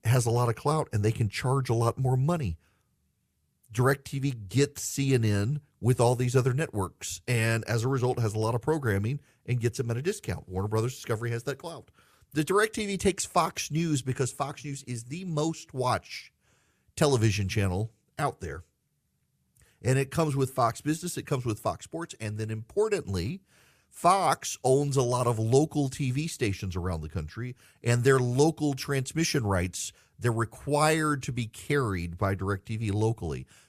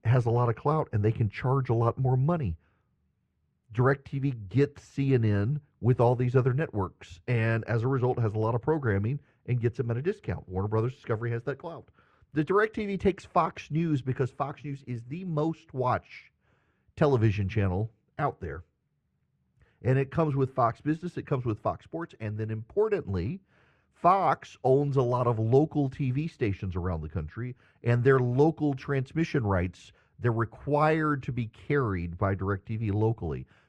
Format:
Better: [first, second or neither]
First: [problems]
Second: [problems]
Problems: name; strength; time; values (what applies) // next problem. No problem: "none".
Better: first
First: none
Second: muffled; very; fading above 2 kHz